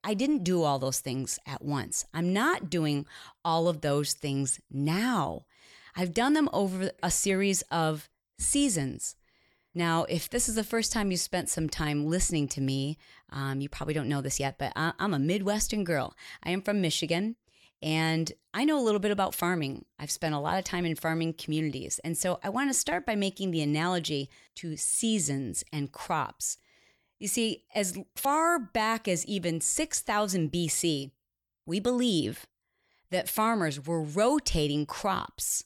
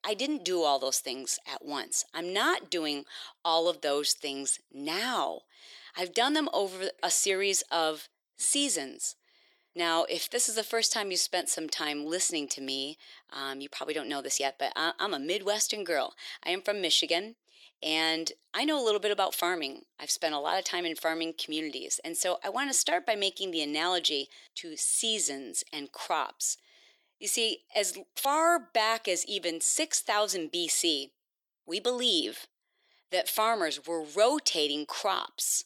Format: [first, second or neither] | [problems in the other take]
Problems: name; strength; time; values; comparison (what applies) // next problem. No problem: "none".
first | thin; somewhat; fading below 350 Hz